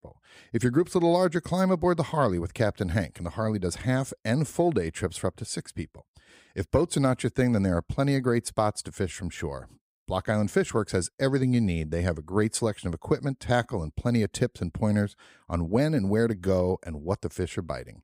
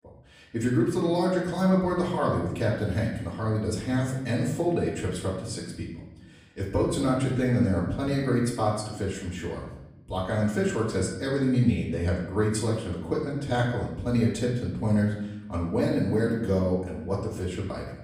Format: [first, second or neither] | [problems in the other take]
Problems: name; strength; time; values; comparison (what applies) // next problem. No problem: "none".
first | off-mic speech; far // room echo; noticeable; dies away in 0.8 s